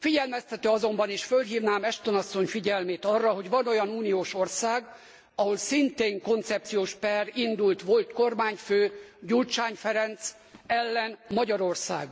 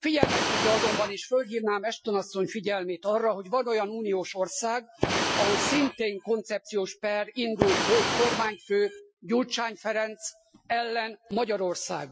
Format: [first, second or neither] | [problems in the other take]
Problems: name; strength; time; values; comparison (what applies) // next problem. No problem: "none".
first | noise reduction (classical method Wiener filter)